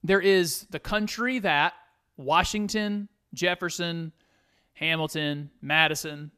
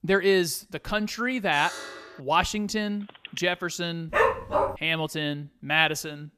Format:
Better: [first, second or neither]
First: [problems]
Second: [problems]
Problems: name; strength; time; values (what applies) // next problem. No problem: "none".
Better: first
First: none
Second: alarm; faint; at 1.5 s; peak 10 dB below the speech // phone ringing; faint; at 3 s; peak 15 dB below the speech // dog barking; loud; at 4 s; peak 3 dB above the speech